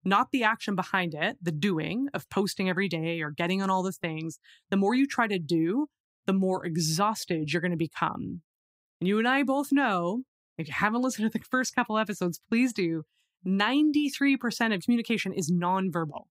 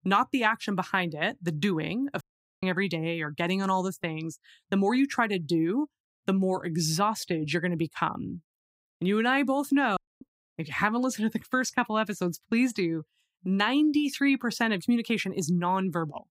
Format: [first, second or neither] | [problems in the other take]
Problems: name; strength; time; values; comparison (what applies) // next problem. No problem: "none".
first | audio cutting out; at 2 s and at 10 s